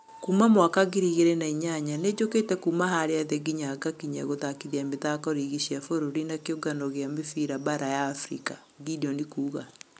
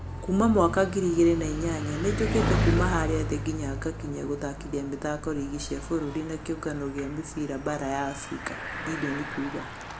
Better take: first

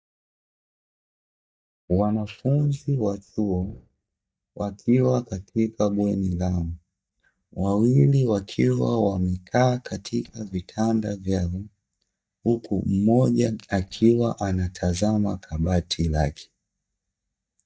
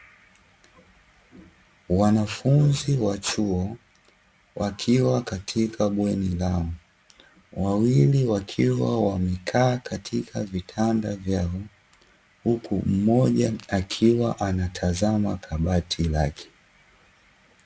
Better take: second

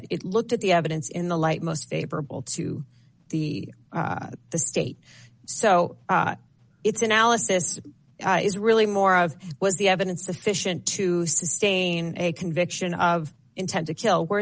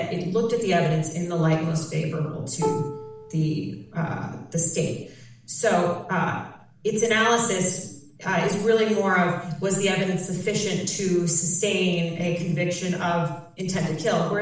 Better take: first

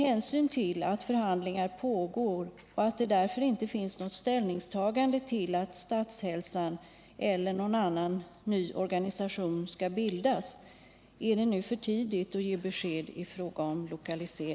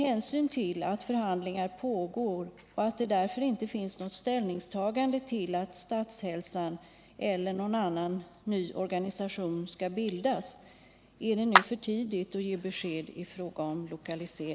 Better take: first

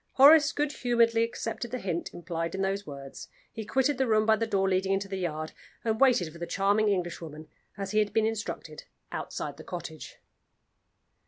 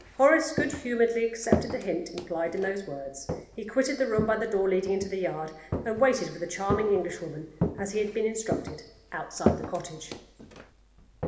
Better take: first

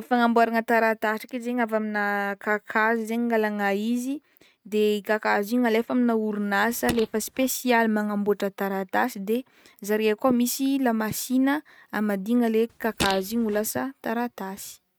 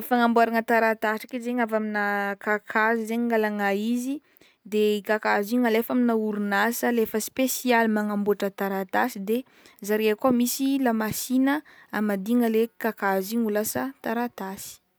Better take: second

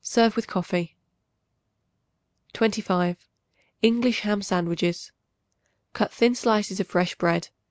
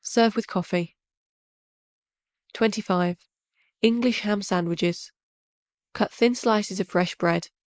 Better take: first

